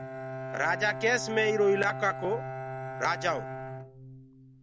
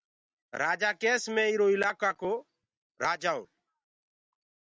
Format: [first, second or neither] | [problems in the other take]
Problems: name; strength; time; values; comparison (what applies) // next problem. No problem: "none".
second | background sound (Bowed string instrument); 8 dB below the speech